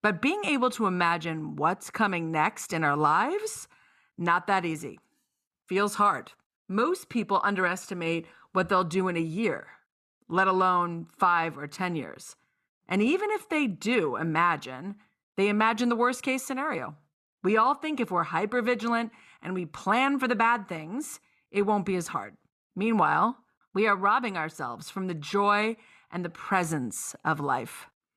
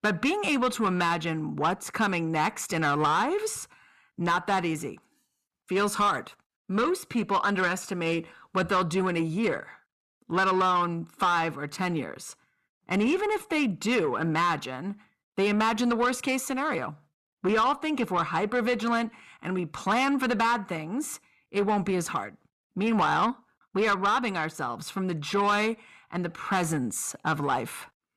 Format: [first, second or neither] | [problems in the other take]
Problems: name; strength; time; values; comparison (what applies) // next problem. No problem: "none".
first | distortion; slight; 10 dB below the speech